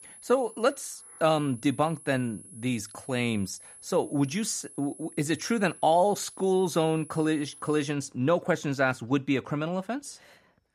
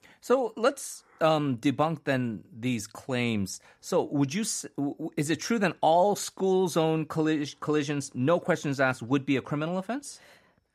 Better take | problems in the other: second | high-pitched whine; noticeable; until 8 s; 10.5 kHz, 20 dB below the speech

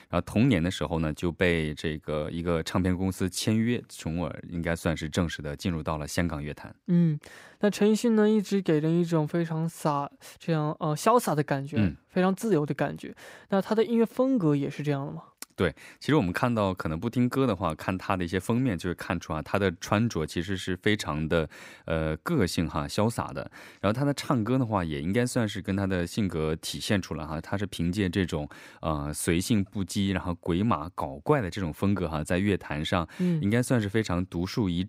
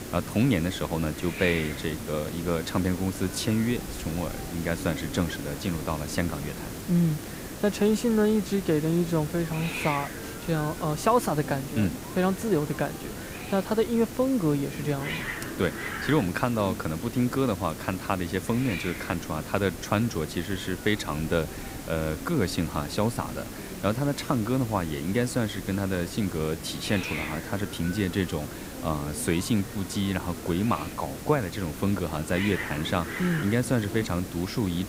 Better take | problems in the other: first | hiss; loud; throughout; 8 dB below the speech

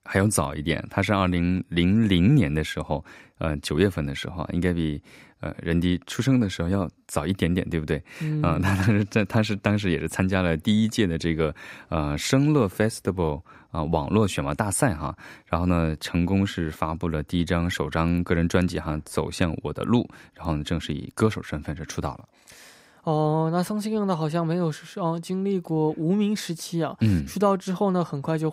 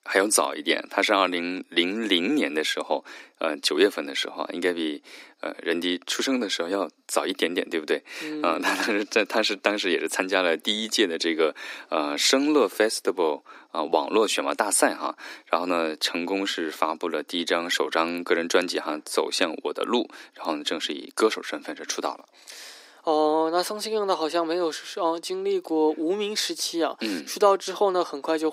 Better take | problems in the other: first | thin; somewhat; fading below 300 Hz

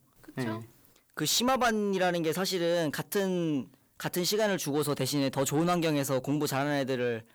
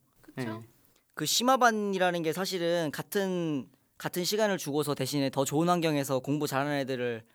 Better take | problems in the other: second | distortion; slight; 10 dB below the speech

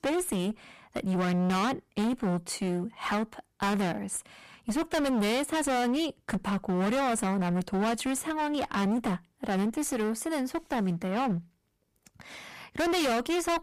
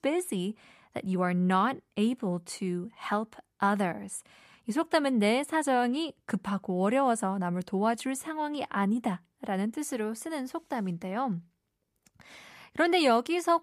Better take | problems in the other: second | distortion; heavy; 26% of the sound clipped

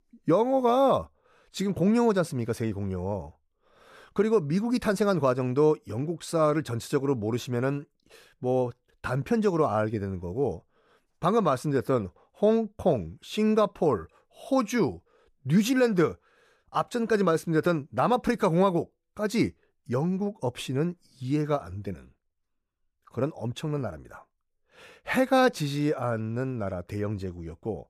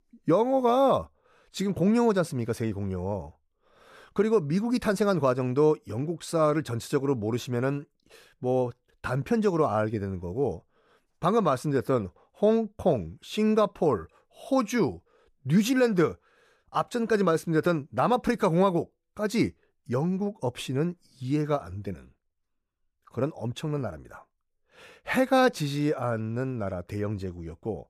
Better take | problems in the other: neither | none

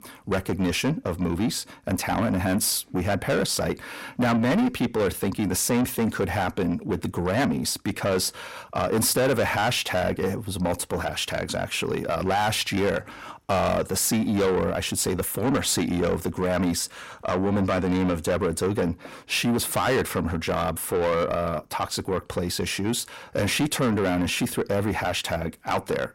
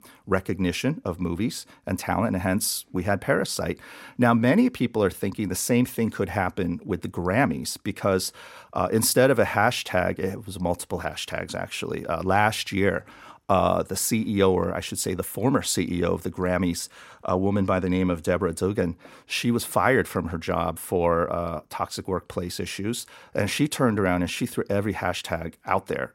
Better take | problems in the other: second | distortion; heavy; 6 dB below the speech

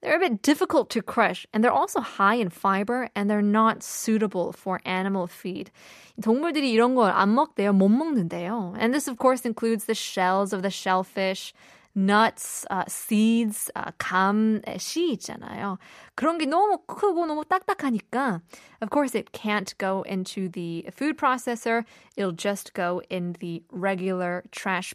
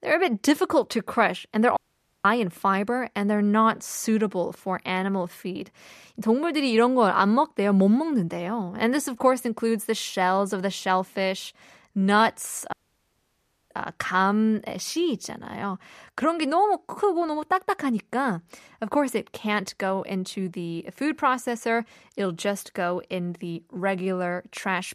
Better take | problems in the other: first | audio cutting out; at 2 s and at 13 s for 1 s

